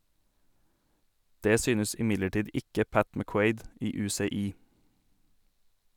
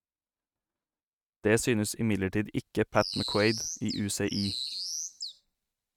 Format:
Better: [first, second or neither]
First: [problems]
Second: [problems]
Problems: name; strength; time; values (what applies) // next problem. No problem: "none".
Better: first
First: none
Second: noise reduction (neural mask model RNNoise)